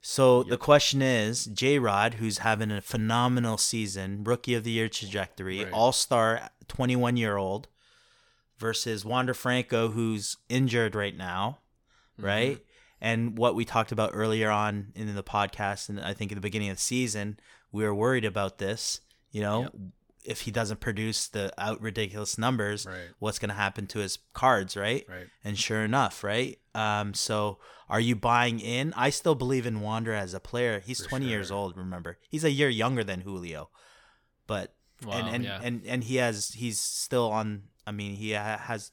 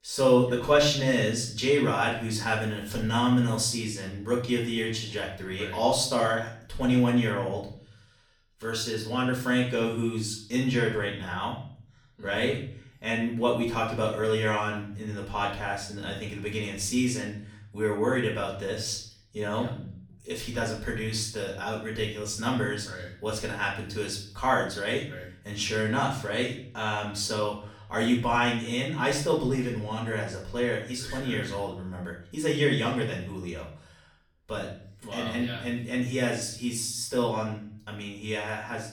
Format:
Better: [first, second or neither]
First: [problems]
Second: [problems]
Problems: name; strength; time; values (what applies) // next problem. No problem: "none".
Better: first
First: none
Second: room echo; slight; dies away in 0.5 s // off-mic speech; far